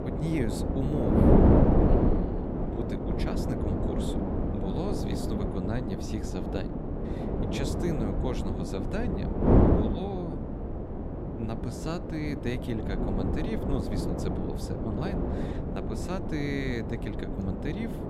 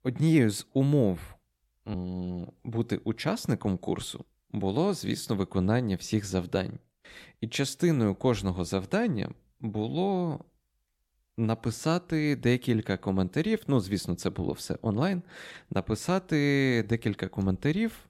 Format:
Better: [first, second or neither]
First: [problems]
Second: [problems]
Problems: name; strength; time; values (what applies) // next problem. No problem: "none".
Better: second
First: wind noise on the microphone; heavy; 5 dB above the speech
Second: none